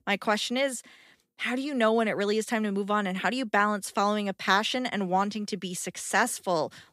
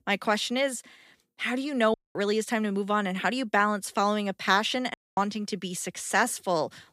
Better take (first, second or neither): first